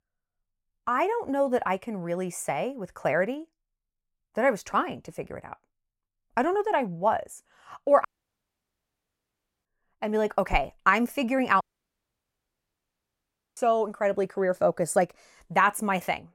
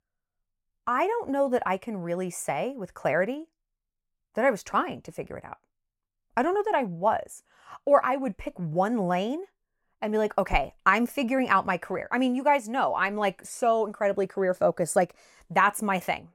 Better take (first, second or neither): second